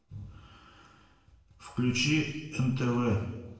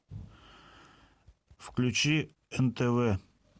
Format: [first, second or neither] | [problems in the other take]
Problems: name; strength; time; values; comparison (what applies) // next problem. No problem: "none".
second | room echo; dies away in 1 s